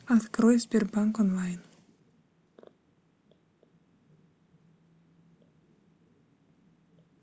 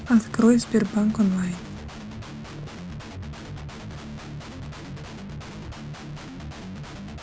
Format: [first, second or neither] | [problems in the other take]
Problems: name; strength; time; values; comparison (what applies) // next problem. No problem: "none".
first | background sound (Guitar); 10 dB below the speech